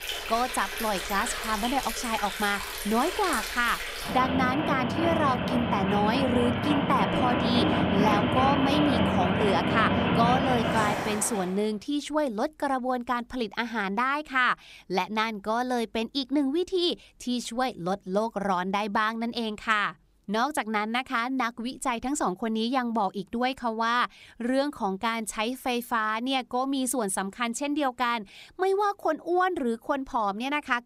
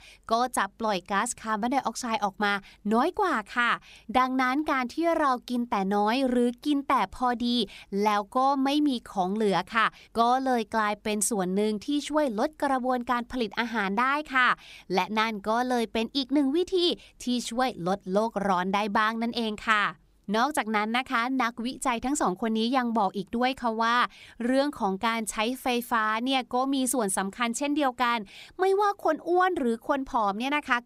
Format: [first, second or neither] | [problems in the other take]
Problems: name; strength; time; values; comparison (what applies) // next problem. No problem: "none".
second | rain or running water; loud; until 11 s; as loud as the speech